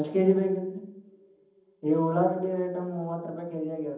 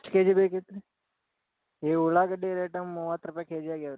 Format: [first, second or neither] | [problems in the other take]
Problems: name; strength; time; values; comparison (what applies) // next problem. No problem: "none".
second | room echo; dies away in 0.8 s